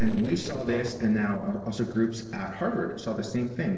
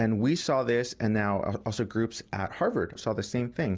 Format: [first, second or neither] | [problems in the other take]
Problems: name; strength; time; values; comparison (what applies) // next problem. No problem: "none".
second | noise reduction (neural separator model SepFormer DNS4)